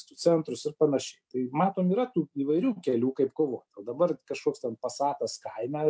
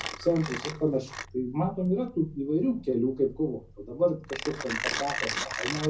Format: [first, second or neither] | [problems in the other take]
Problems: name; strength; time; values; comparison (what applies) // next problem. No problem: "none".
first | background sound (Mechanisms); 9 dB below the speech // room echo; dies away in 0.4 s